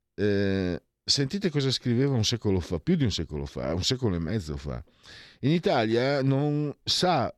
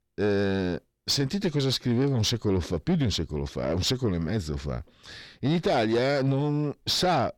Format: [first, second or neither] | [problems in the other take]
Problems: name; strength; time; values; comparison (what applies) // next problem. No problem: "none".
first | distortion; slight; 10 dB below the speech